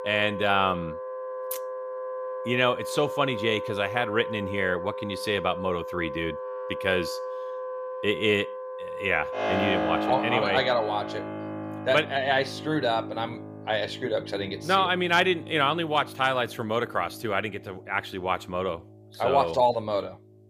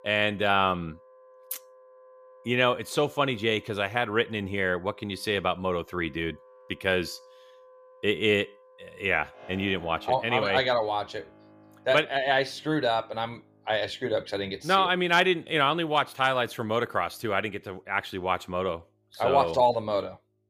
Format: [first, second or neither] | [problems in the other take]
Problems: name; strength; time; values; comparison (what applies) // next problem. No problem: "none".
second | background music; loud; throughout; 8 dB below the speech; faint in the second